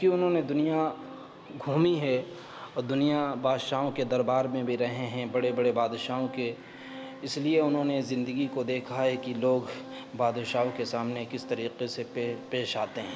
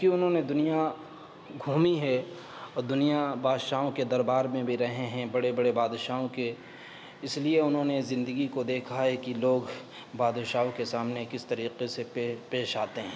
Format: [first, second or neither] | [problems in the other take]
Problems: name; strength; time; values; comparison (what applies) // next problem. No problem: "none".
second | background sound (Organ); 18 dB below the speech